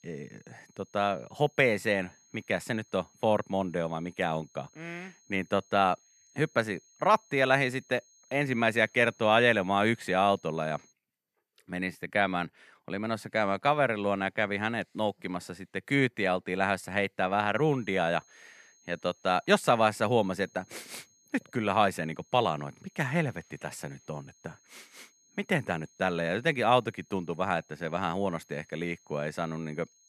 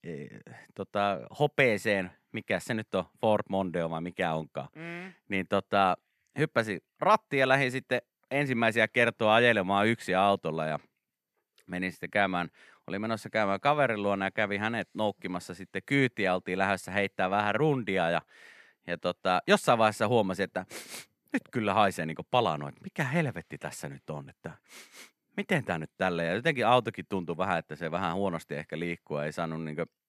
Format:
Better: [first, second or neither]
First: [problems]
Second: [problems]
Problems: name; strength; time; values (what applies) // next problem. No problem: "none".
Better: second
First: high-pitched whine; faint; until 11 s and from 18 s on; 6.5 kHz, 30 dB below the speech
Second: none